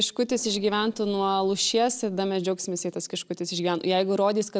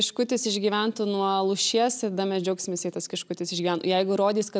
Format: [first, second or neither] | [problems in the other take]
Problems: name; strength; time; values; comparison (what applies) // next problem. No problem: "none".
second | noise reduction (neural separator model SepFormer DNS4)